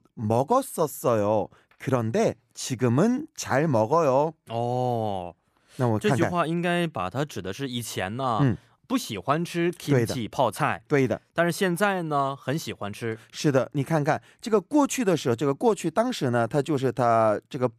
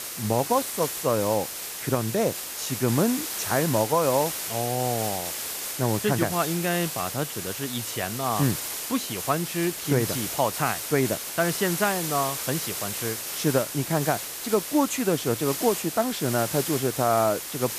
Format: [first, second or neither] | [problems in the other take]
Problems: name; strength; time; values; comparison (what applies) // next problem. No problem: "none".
first | hiss; loud; throughout; 4 dB below the speech